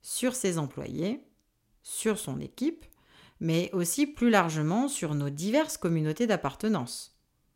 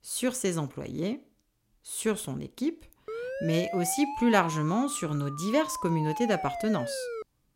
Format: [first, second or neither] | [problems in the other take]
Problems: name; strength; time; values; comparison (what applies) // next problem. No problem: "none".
first | siren; noticeable; from 3 s on; peak 6 dB below the speech